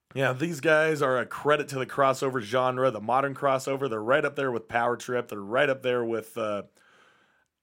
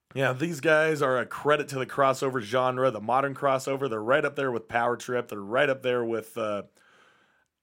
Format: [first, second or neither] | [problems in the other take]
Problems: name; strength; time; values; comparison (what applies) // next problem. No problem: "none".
neither | none